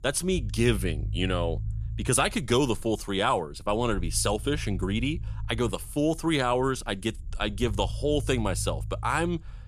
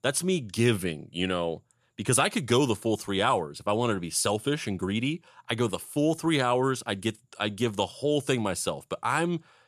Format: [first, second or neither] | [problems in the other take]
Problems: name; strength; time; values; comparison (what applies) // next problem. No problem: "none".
second | low rumble; faint; throughout; 25 dB below the speech